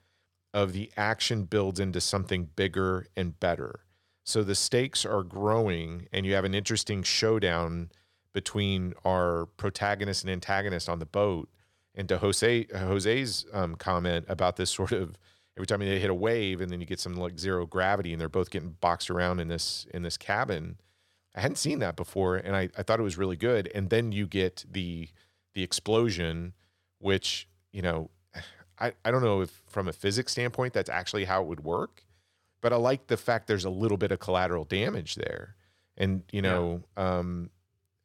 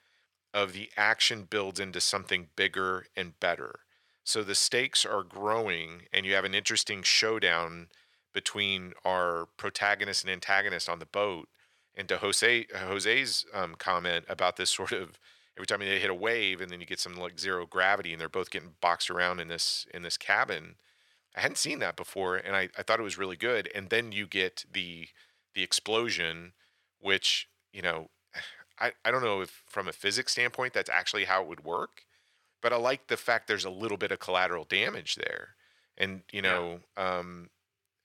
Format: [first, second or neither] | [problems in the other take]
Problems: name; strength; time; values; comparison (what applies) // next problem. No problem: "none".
first | thin; somewhat; fading below 750 Hz